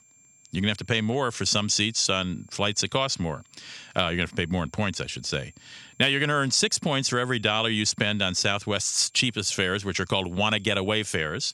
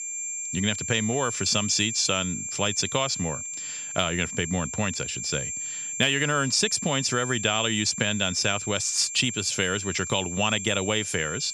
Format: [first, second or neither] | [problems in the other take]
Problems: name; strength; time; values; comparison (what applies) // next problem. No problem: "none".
first | high-pitched whine; loud; throughout; 7.5 kHz, 6 dB below the speech; faint in the first